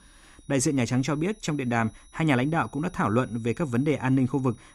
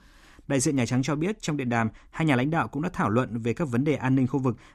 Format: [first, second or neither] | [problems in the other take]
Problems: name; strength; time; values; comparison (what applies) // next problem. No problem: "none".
second | high-pitched whine; faint; throughout; 10.5 kHz, 30 dB below the speech